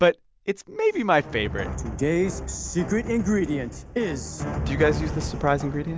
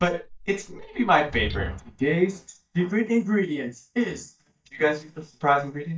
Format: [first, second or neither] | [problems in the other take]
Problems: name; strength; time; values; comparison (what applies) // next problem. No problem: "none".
first | noise reduction (neural mask model DeepFilterNet 3)